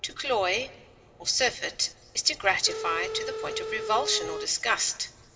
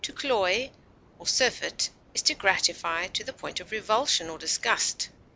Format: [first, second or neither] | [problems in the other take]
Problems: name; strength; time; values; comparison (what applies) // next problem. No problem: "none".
second | background sound (Telephone); 5 dB below the speech // room echo; dies away in 2.5 s